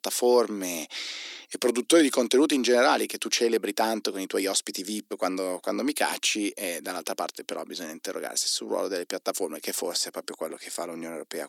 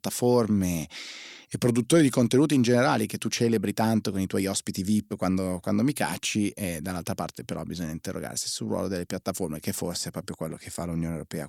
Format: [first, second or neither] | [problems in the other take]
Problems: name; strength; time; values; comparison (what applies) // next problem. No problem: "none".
second | thin; somewhat; fading below 300 Hz